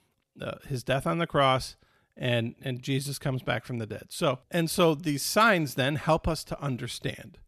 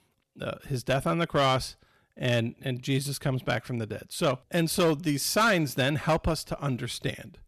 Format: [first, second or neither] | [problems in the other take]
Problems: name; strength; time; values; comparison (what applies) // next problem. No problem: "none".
first | distortion; slight; 4% of the sound clipped